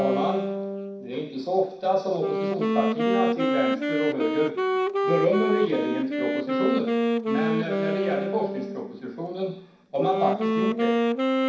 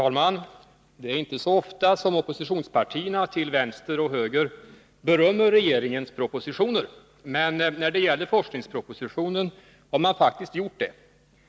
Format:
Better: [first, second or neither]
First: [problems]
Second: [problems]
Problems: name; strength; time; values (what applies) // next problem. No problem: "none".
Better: second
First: background sound (Wind instrument, woodwind instrument); 2 dB above the speech // room echo; dies away in 0.6 s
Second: none